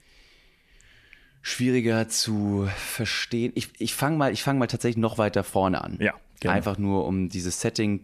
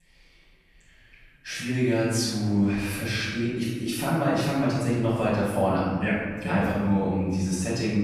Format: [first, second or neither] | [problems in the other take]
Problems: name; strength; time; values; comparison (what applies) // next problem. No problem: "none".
first | off-mic speech; far // room echo; strong; dies away in 1.3 s